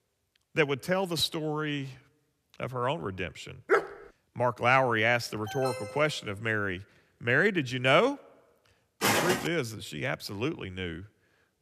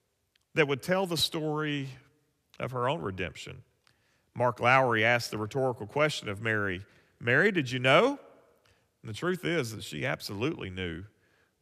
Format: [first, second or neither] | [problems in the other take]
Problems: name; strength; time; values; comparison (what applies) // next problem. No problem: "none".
second | dog barking; loud; at 3.5 s; peak 1 dB above the speech // alarm; noticeable; at 5.5 s; peak 9 dB below the speech // footsteps; loud; at 9 s; peak 3 dB above the speech